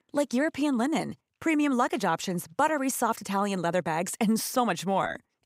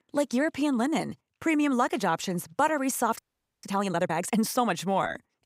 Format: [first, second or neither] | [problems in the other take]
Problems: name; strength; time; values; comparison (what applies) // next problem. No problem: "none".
first | audio freezing; at 3 s